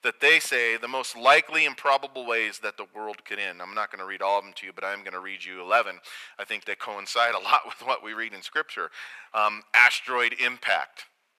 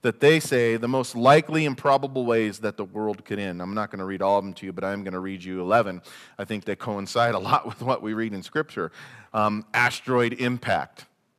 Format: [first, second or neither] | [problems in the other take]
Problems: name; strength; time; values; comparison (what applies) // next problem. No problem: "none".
second | thin; very; fading below 750 Hz